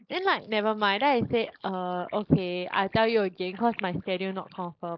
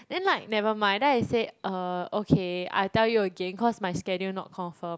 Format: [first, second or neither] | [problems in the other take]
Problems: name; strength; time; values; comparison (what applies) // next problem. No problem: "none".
second | noise reduction (neural mask model Resemble Enhance denoiser)